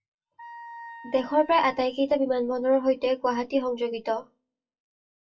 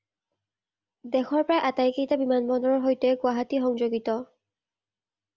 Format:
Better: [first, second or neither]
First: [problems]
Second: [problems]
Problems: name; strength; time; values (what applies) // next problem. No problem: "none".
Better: second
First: noise reduction (classical method WPE with log-MMSE)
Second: none